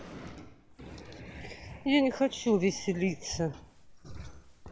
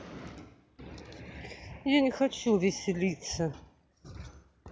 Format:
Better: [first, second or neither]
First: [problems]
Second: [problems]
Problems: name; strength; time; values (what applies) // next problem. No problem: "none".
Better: second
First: background sound (Crumpling, crinkling); 19 dB below the speech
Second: none